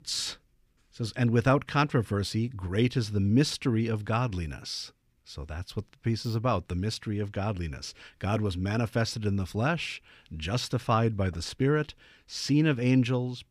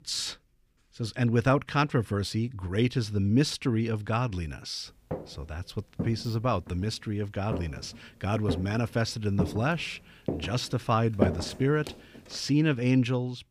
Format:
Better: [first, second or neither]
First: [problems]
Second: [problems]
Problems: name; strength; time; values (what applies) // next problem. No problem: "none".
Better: first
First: none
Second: footsteps; loud; from 5 to 11 s; peak level with the speech